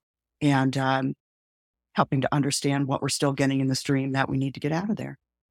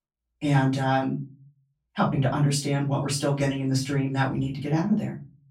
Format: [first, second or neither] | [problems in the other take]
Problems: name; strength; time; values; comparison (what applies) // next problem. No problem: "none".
first | off-mic speech; far // room echo; very slight; dies away in 0.4 s